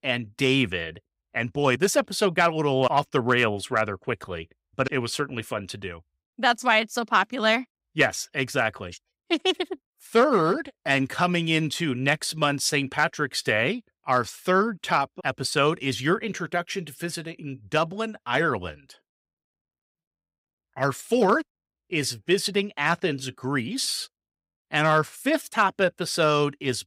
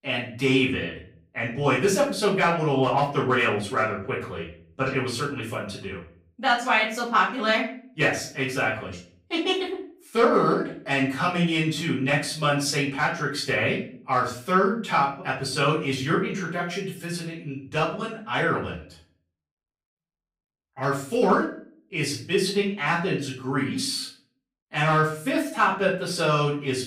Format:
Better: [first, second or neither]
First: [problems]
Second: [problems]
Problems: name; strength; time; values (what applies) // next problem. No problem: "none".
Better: first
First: none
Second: off-mic speech; far // room echo; slight; dies away in 0.4 s